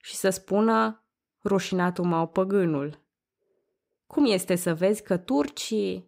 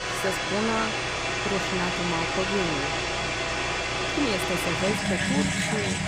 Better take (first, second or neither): first